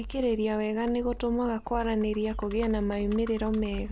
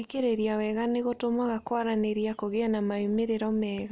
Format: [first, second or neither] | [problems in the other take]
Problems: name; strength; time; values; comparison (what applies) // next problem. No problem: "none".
second | background sound (Computer keyboard); 11 dB below the speech